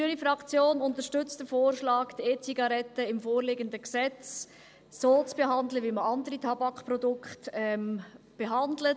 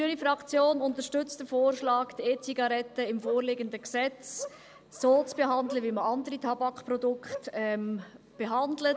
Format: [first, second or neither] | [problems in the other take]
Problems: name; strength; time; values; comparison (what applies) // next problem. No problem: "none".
first | background sound (Bark); 18 dB below the speech